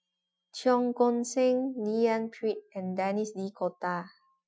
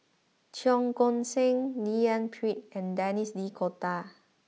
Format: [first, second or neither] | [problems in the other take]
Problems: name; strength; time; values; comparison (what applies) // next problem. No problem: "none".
second | noise reduction (classical method Wiener filter)